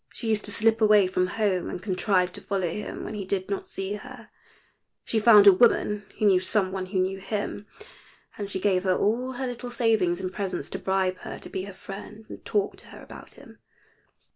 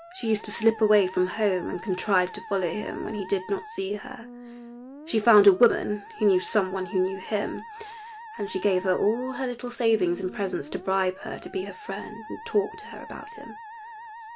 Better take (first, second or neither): first